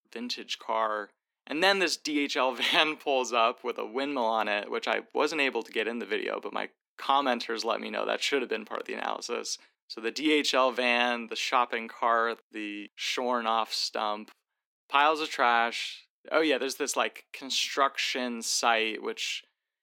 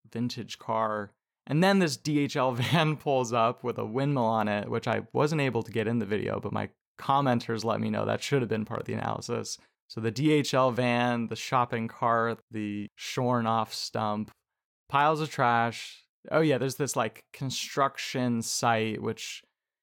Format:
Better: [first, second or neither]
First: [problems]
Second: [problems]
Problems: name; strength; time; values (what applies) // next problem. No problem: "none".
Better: second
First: thin; somewhat; fading below 250 Hz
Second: none